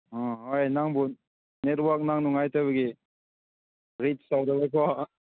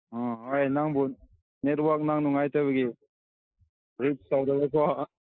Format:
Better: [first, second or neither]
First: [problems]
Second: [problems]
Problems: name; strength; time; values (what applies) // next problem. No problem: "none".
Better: first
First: none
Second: noise reduction (neural mask model Resemble Enhance denoiser)